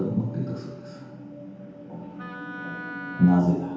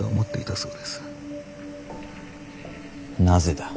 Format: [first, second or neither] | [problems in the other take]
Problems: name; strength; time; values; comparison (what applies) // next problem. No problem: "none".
second | background sound (Wind instrument, woodwind instrument); 13 dB below the speech // room echo; dies away in 0.8 s